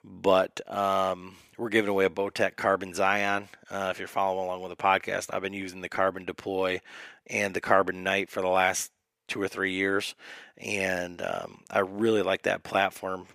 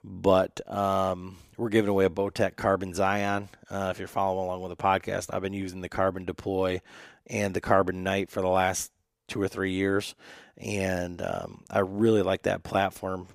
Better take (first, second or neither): second